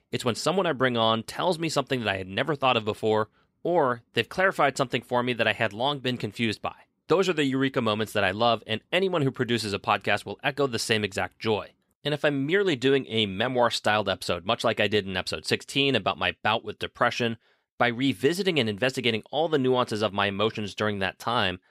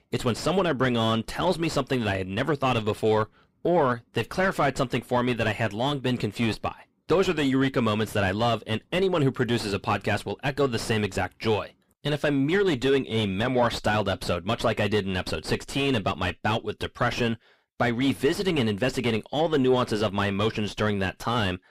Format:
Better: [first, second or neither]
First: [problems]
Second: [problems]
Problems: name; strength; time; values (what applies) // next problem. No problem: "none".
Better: first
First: none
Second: distortion; heavy; 5 dB below the speech